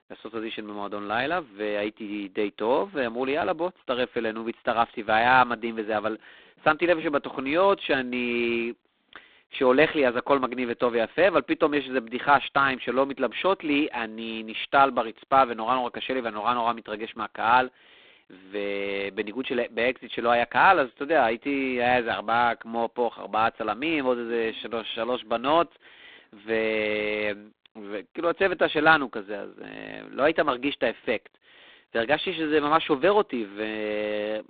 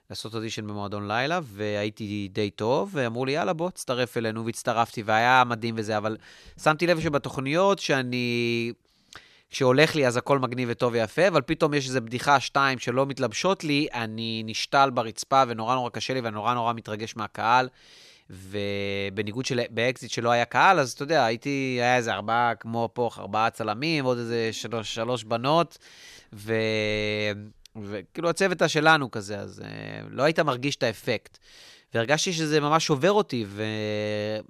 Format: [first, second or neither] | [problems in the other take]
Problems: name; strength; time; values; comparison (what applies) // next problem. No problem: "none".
second | phone-call audio; poor line; nothing above 4 kHz